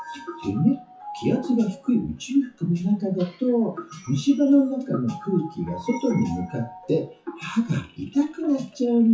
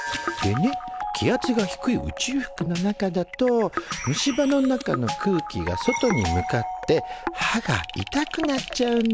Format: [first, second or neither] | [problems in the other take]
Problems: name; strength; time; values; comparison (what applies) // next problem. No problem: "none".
second | noise reduction (classical method WPE with log-MMSE)